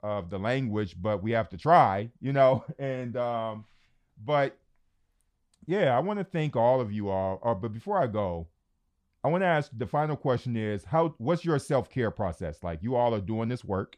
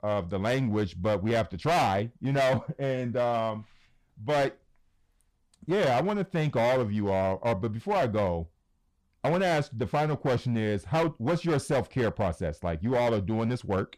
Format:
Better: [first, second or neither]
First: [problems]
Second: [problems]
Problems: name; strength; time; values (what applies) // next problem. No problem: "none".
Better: first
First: none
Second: distortion; heavy; 13% of the sound clipped